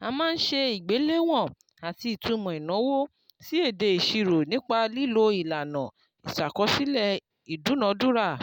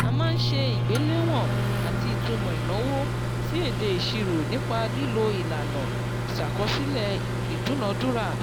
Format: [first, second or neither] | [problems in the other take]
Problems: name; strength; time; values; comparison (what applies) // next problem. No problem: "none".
first | background sound (Microwave oven); 3 dB above the speech